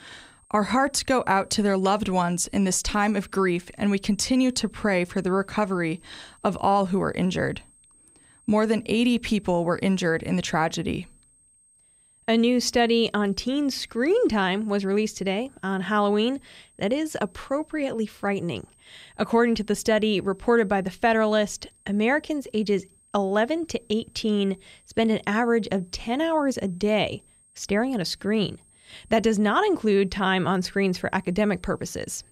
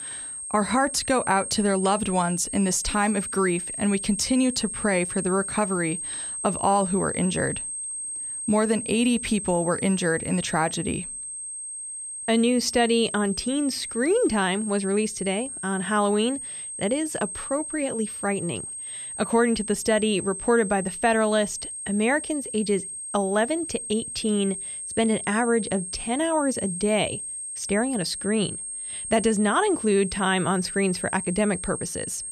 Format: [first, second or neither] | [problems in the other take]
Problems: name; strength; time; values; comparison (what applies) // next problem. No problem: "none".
first | high-pitched whine; loud; throughout; 8.5 kHz, 6 dB below the speech; faint in the first